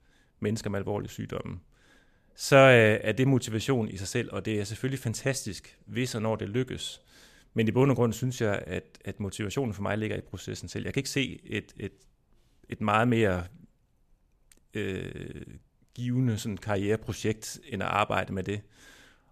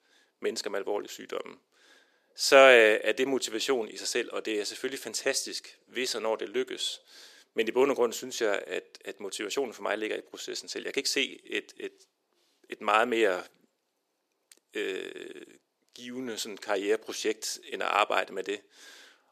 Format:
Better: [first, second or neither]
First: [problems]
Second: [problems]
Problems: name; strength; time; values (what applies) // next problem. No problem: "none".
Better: first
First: none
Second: thin; somewhat; fading below 350 Hz